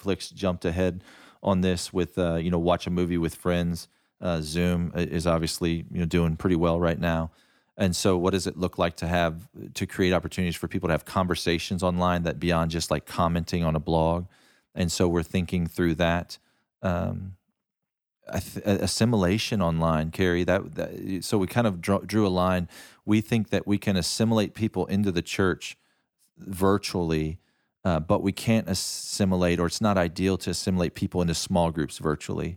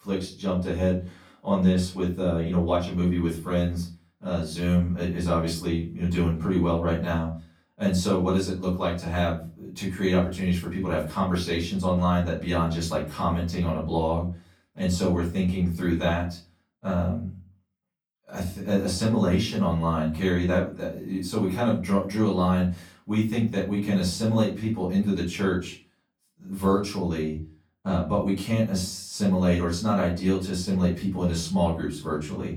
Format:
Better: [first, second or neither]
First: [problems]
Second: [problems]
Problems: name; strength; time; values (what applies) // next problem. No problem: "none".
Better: first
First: none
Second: off-mic speech; far // room echo; slight; dies away in 0.3 s